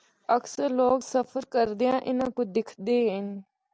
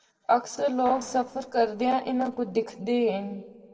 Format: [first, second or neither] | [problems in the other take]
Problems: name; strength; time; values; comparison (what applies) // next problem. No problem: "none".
first | noise reduction (neural separator model SepFormer DNS4)